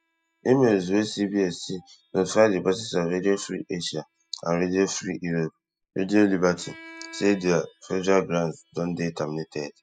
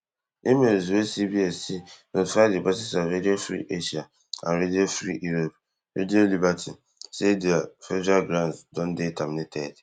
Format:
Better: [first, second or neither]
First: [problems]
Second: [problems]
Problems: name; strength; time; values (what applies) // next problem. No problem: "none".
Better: second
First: noise reduction (classical method spectral subtraction)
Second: none